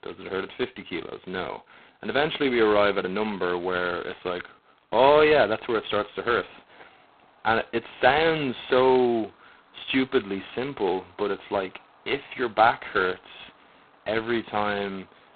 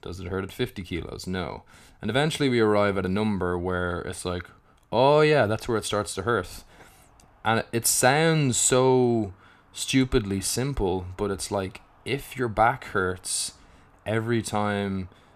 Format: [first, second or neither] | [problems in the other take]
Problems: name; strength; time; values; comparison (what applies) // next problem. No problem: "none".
second | phone-call audio; poor line; nothing above 4 kHz